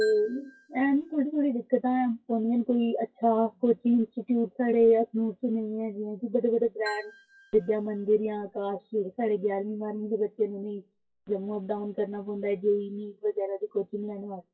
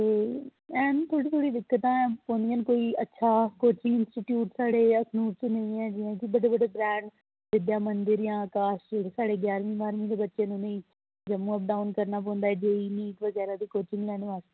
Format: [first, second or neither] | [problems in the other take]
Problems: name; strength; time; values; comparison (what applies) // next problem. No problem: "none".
second | noise reduction (classical method WPE with log-MMSE)